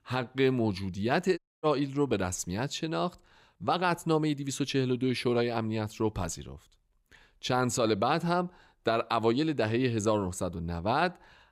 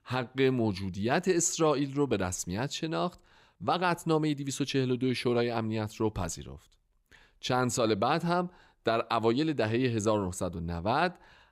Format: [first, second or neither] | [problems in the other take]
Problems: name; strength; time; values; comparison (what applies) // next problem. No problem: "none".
second | audio cutting out; at 1.5 s